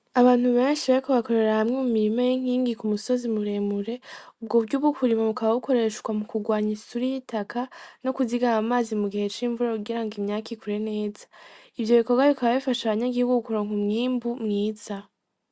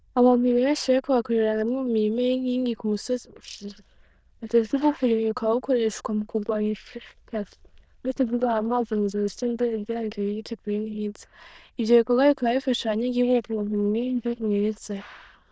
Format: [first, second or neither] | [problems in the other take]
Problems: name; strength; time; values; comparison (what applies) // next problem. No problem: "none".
first | noise reduction (neural diffusion model UNIVERSE++)